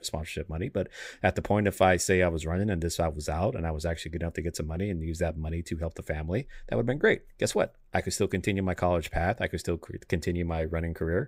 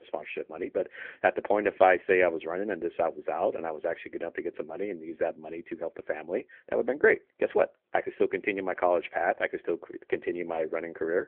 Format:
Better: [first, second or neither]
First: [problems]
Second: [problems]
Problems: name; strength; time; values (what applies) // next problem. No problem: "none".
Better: first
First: none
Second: phone-call audio